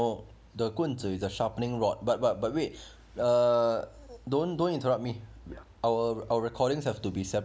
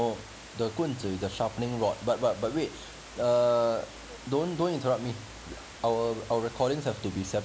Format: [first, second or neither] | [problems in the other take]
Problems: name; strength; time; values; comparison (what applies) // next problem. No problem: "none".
first | background sound (Water); 17 dB below the speech